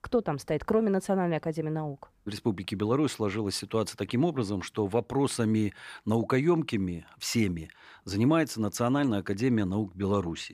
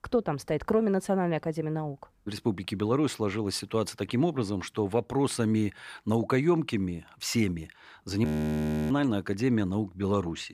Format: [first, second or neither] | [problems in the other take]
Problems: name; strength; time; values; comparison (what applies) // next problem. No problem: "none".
first | audio freezing; at 8.5 s for 0.5 s